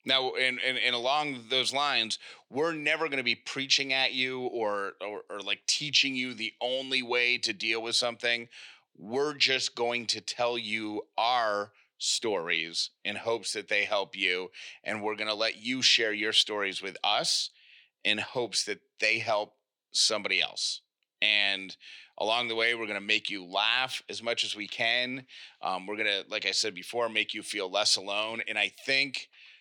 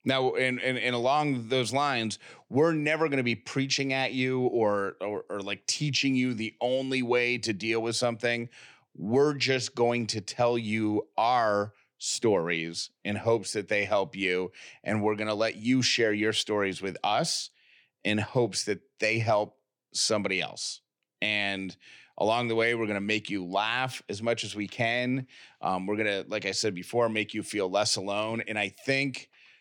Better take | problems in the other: second | thin; very slightly; fading below 650 Hz

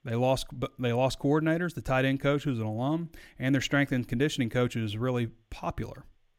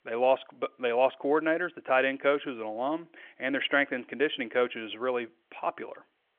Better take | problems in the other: first | phone-call audio; nothing above 3.5 kHz

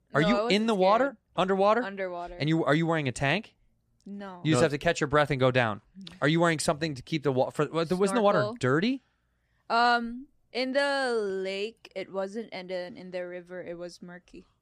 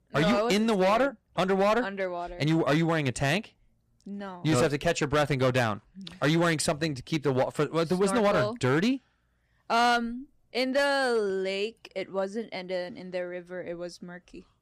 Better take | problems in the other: first | distortion; slight; 7% of the sound clipped

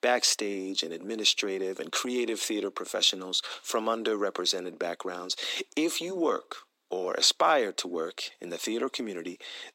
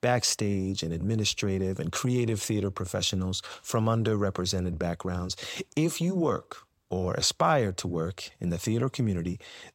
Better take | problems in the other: second | thin; somewhat; fading below 250 Hz

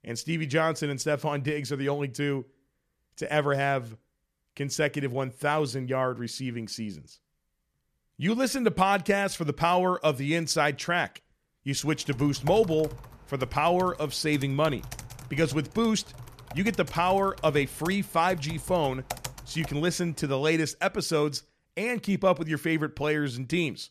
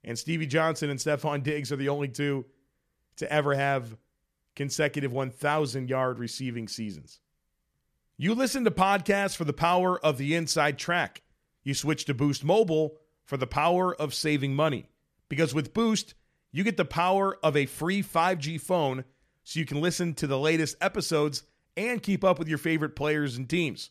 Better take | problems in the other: second | keyboard typing; noticeable; from 12 to 20 s; peak 9 dB below the speech

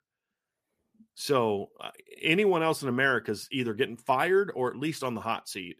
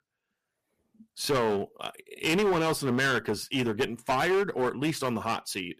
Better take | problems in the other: first | distortion; heavy; 14% of the sound clipped

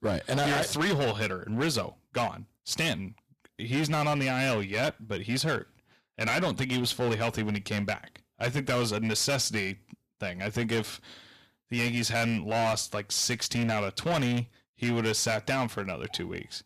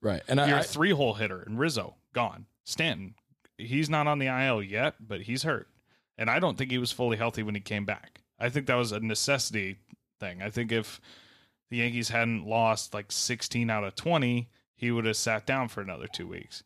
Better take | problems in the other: second | distortion; heavy; 14% of the sound clipped

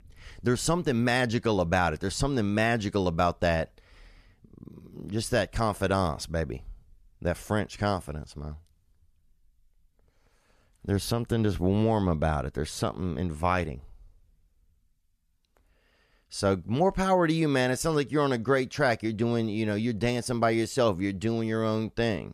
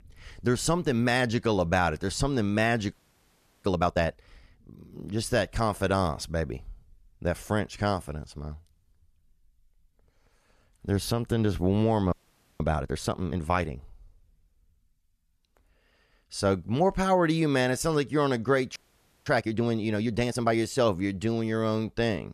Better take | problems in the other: first | audio freezing; at 3 s for 0.5 s, at 12 s and at 19 s for 0.5 s

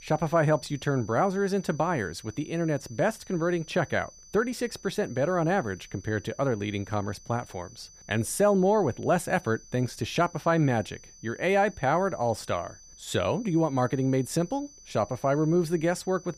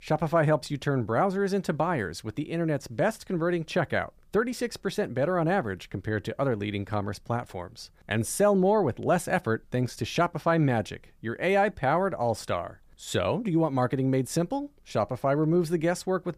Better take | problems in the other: second | high-pitched whine; faint; throughout; 6 kHz, 20 dB below the speech

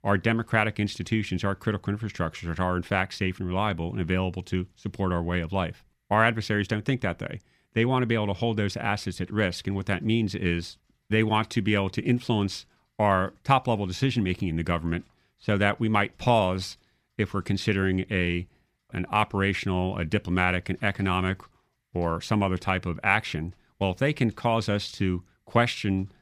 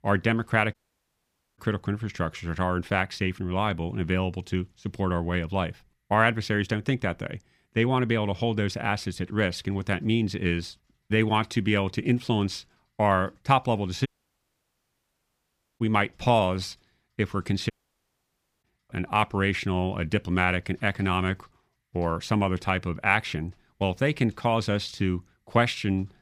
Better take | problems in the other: first | audio cutting out; at 0.5 s for 1 s, at 14 s for 1.5 s and at 18 s for 1 s

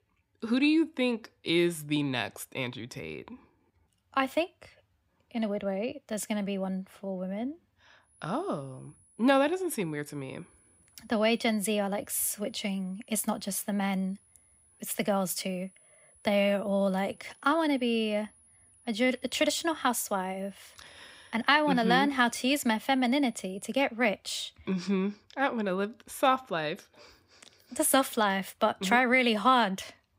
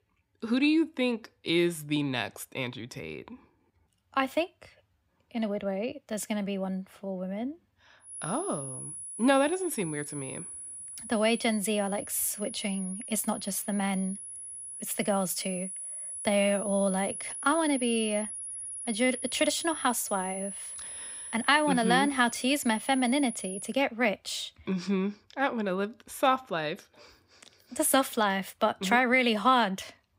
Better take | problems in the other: first | high-pitched whine; loud; from 8 to 24 s; 10.5 kHz, 9 dB below the speech; faint in the first

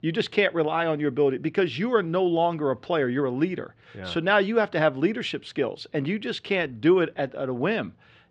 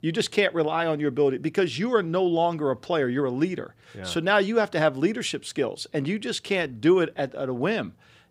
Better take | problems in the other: second | muffled; very slightly; fading above 3 kHz

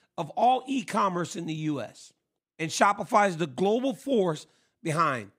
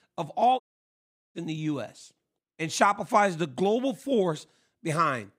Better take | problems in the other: first | audio cutting out; at 0.5 s for 1 s

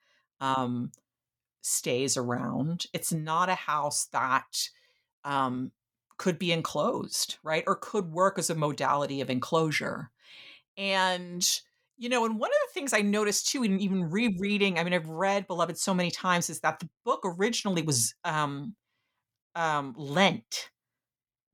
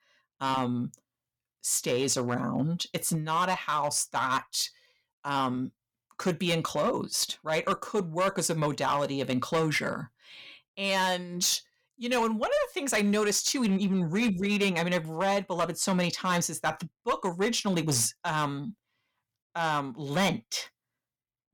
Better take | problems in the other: first | distortion; slight; 5% of the sound clipped

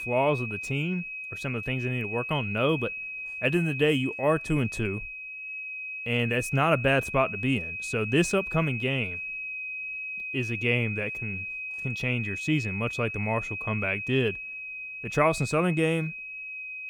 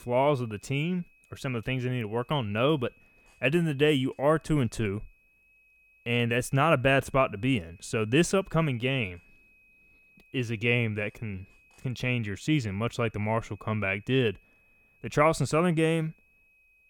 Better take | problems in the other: second | high-pitched whine; loud; throughout; 2.5 kHz, 5 dB below the speech; faint in the second

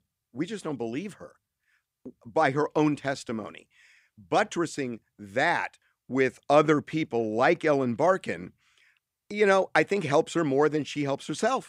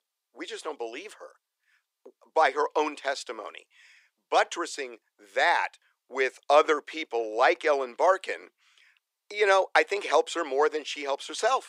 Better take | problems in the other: first | thin; very; fading below 400 Hz

